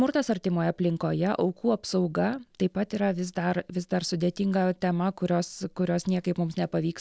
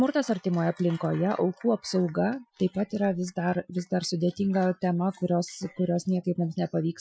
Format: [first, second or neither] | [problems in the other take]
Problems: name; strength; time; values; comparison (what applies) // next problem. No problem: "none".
first | noise reduction (classical method Wiener filter)